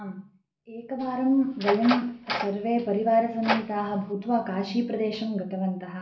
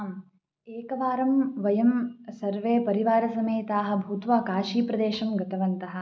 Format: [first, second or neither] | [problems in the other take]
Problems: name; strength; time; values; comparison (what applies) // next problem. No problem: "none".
second | background sound (Door); 7 dB below the speech // room echo; dies away in 0.3 s